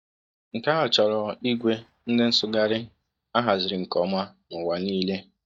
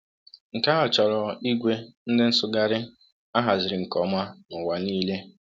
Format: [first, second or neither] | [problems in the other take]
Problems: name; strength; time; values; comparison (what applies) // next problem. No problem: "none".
second | noise reduction (neural mask model DeepFilterNet 3)